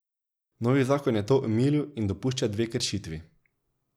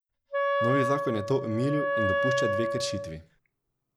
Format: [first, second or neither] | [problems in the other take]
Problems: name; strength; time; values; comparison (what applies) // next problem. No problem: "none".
first | background sound (Wind instrument, woodwind instrument); 3 dB above the speech